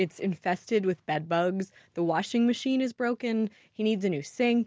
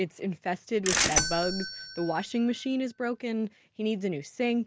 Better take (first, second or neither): first